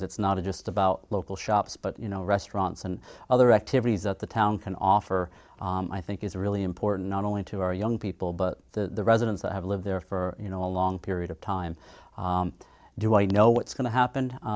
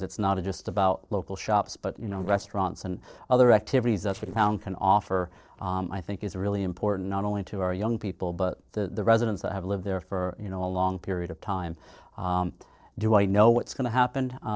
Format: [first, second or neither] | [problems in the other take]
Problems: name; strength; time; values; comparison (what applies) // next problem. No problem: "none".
first | noise reduction (neural separator model SepFormer DNS4)